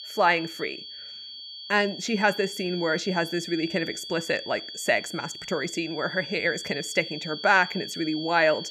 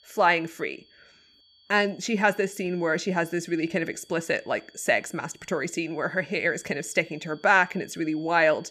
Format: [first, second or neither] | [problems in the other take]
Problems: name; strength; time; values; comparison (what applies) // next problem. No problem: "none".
second | high-pitched whine; loud; throughout; 4.5 kHz, 10 dB below the speech; faint in the second